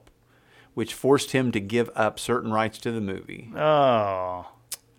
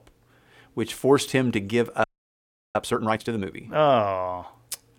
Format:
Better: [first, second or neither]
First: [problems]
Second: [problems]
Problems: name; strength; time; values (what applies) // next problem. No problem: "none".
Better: first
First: none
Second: audio freezing; at 2 s for 0.5 s